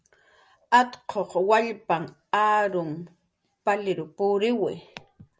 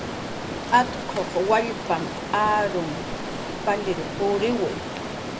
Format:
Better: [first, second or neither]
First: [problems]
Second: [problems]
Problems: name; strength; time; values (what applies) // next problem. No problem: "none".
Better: first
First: none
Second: background sound (Stream); 5 dB below the speech